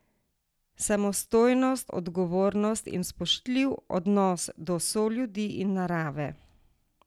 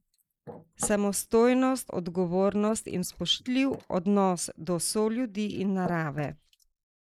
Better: first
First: none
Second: noise reduction (neural mask model Resemble Enhance denoiser)

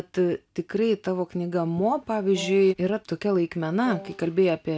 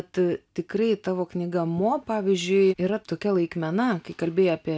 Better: second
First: background sound (Wind instrument, woodwind instrument); 16 dB below the speech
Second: none

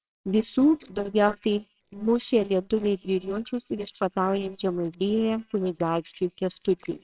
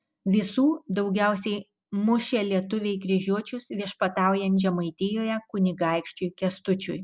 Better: second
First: noise reduction (neural separator model SepFormer WHAMR!)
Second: none

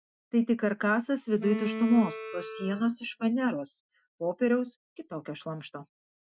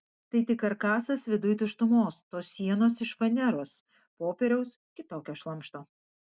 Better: second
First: noise reduction (classical method Wiener filter)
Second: none

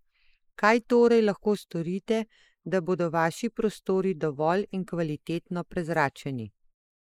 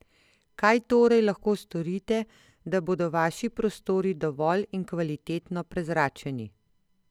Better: second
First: noise reduction (neural mask model Resemble Enhance denoiser)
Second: none

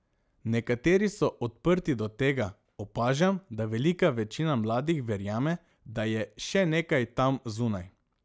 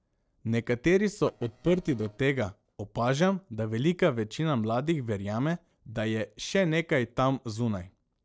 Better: first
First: none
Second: noise reduction (neural separator model SepFormer DNS4)

